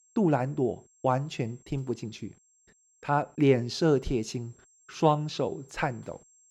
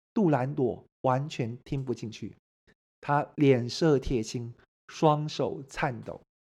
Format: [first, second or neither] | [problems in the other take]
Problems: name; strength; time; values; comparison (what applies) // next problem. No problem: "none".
second | high-pitched whine; faint; throughout; 7.5 kHz, 30 dB below the speech